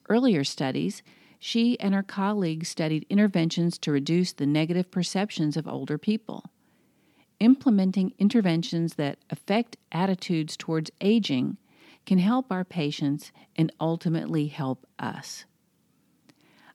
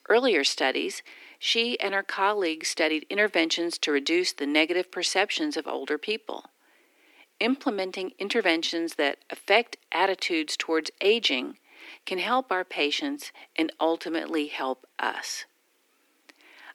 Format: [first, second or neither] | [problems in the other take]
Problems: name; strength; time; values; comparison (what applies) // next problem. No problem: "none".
first | thin; very; fading below 350 Hz